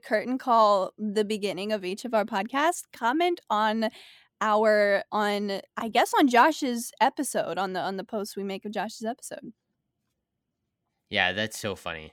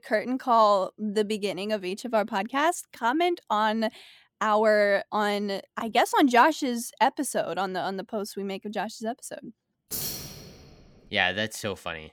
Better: first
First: none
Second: jangling keys; noticeable; at 10 s; peak 5 dB below the speech

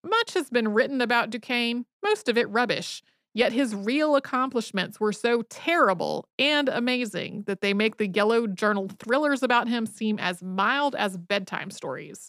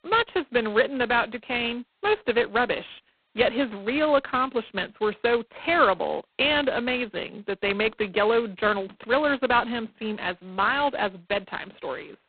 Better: first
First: none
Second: phone-call audio; poor line; nothing above 4 kHz

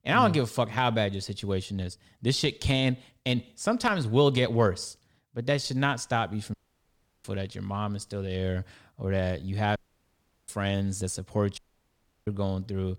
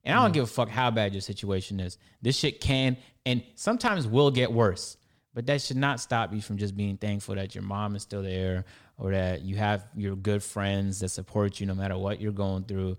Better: second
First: audio cutting out; at 6.5 s for 0.5 s, at 10 s for 0.5 s and at 12 s for 0.5 s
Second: none

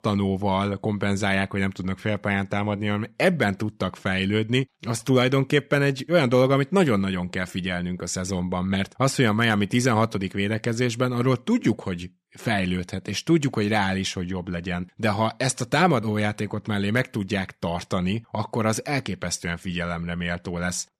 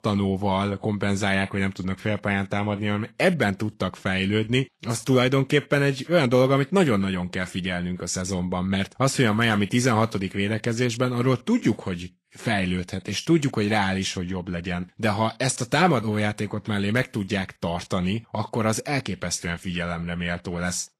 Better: first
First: none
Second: garbled, watery; slightly

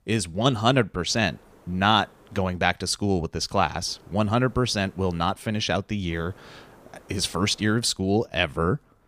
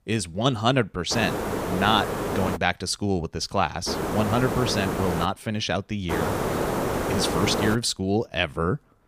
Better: first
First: hiss; faint; from 1 to 2.5 s, from 4 to 5.5 s and from 6 to 8 s; 30 dB below the speech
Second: hiss; loud; from 1 to 2.5 s, from 4 to 5.5 s and from 6 to 8 s; 2 dB below the speech

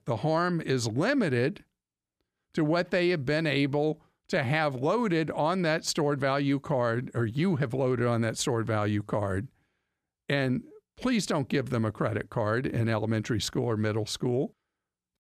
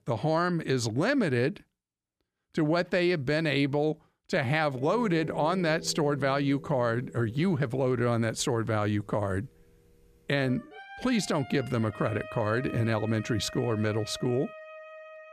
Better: first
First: none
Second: background music; noticeable; from 5 s on; 15 dB below the speech

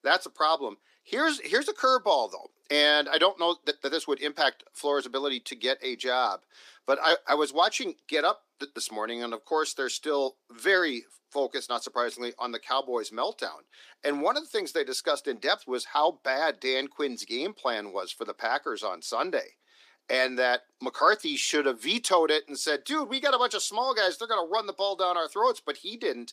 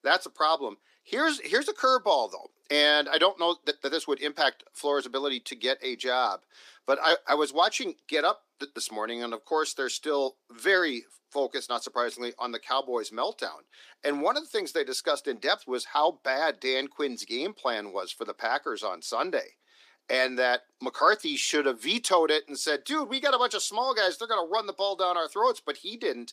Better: neither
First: thin; somewhat; fading below 300 Hz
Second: thin; somewhat; fading below 300 Hz

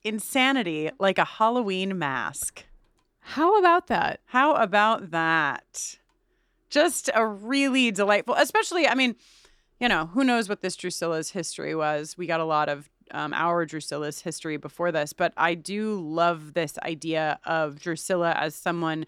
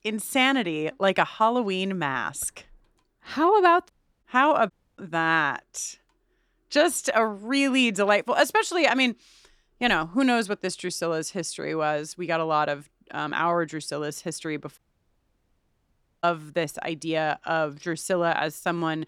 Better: first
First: none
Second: audio cutting out; at 4 s, at 4.5 s and at 15 s for 1.5 s

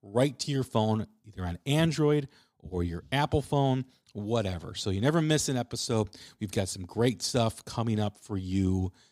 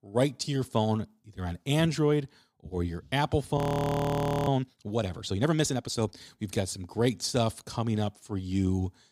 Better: first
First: none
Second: audio freezing; at 3.5 s for 1 s

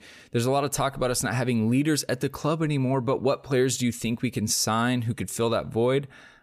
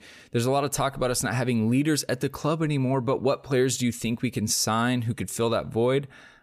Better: neither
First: none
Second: none

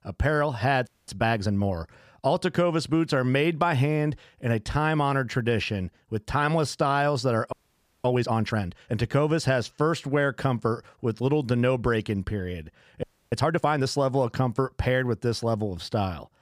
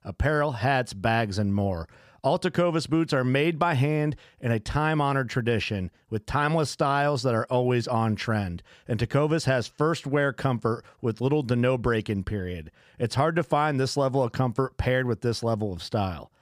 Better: second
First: audio freezing; at 1 s, at 7.5 s for 0.5 s and at 13 s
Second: none

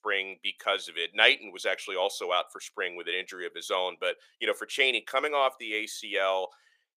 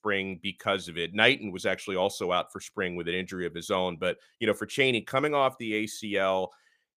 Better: second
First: thin; very; fading below 450 Hz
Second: none

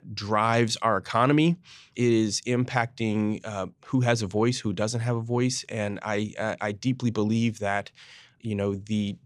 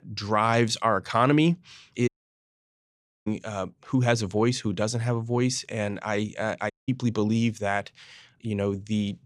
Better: first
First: none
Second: audio cutting out; at 2 s for 1 s and at 6.5 s

